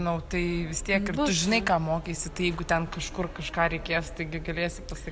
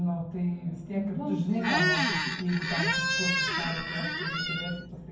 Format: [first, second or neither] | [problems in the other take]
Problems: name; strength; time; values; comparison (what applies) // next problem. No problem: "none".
first | background sound (Squeak); 2 dB above the speech // room echo; dies away in 0.9 s